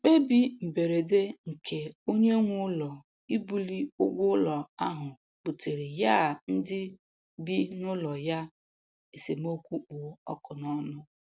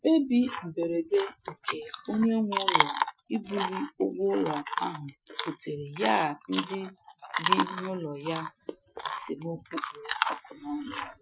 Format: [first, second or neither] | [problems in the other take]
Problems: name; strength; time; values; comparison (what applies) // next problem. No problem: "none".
first | noise reduction (classical method Wiener filter)